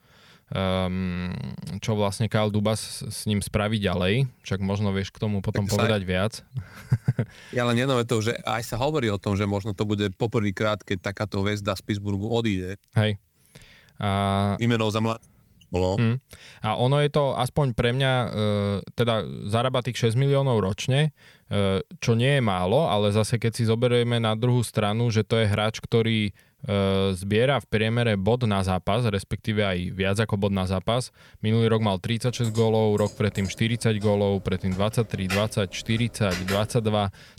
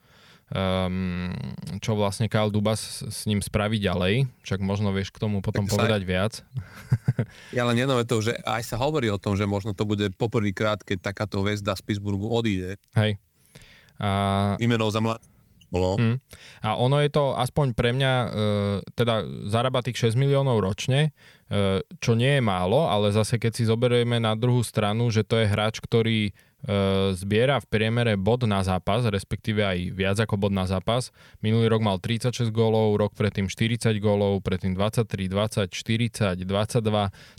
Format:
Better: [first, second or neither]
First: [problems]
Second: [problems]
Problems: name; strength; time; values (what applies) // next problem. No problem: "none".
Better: second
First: keyboard typing; noticeable; from 32 s on; peak 7 dB below the speech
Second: none